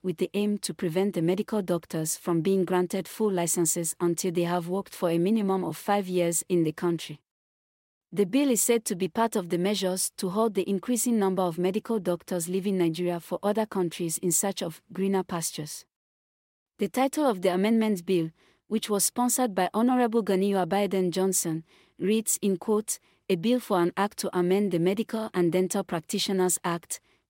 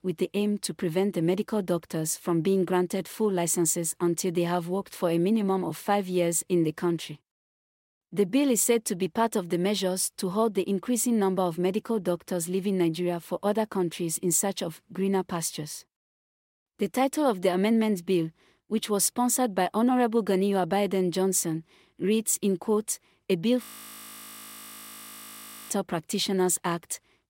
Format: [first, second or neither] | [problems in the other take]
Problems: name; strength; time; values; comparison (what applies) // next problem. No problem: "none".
first | audio freezing; at 24 s for 2 s